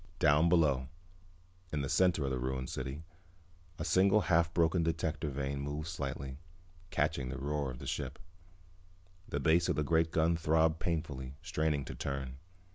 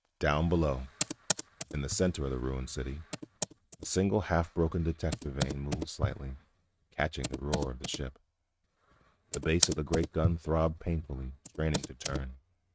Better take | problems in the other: first | noise reduction (neural mask model RNNoise)

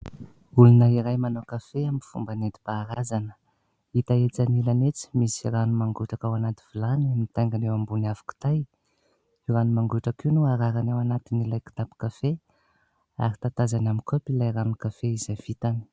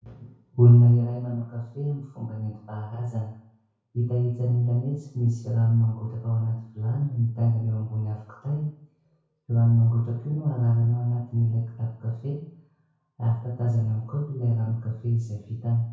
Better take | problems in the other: first | room echo; dies away in 0.6 s

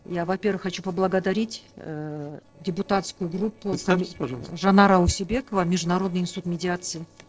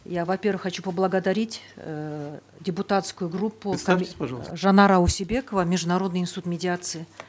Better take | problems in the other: second | noise reduction (neural separator model SepFormer DNS4)

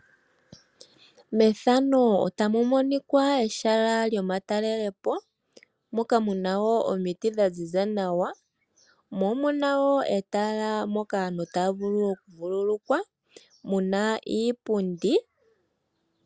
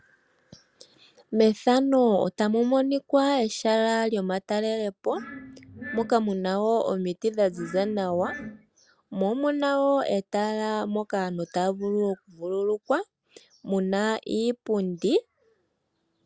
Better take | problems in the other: first | background sound (Glass); 14 dB below the speech

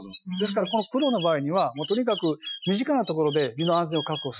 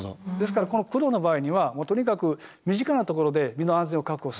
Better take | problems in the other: second | noise reduction (classical method Wiener filter)

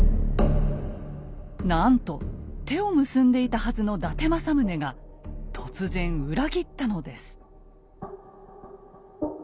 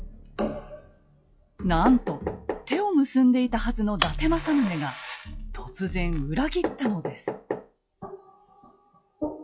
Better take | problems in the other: first | noise reduction (classical method log-MMSE)

